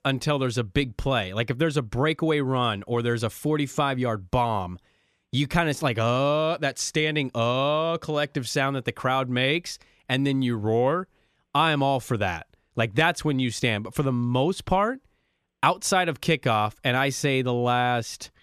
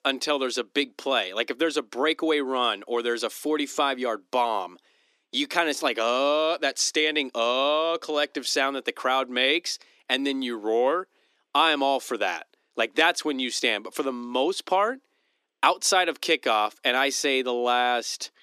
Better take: first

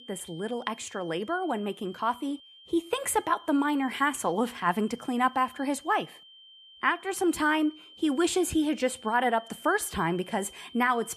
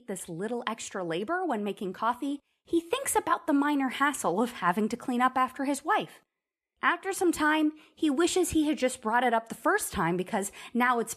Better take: second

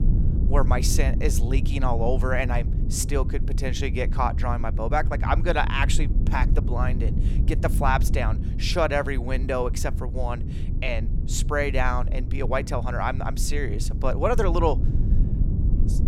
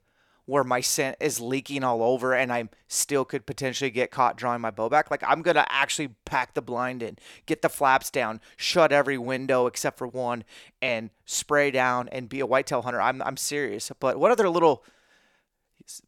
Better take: second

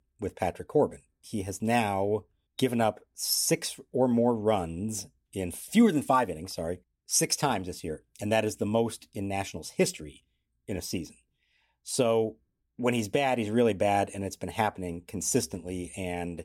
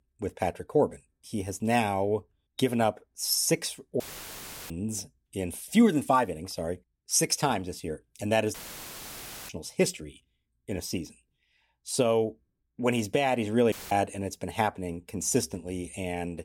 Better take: first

